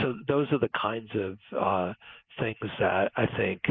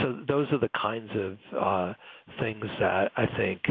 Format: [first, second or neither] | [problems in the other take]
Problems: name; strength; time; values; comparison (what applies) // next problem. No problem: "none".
second | noise reduction (neural mask model Resemble Enhance denoiser)